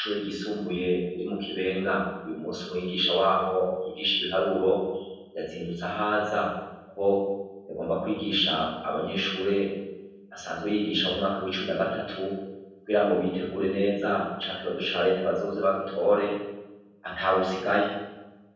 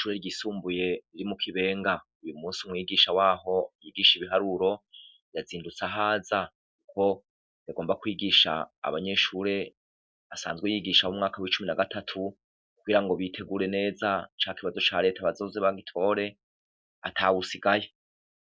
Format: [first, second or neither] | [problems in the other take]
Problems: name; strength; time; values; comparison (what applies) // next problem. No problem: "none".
second | room echo; dies away in 1.1 s